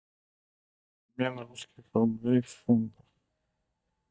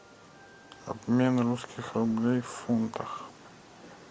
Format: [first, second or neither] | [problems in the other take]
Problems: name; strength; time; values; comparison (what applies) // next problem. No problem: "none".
second | noise reduction (neural mask model DeepFilterNet 3)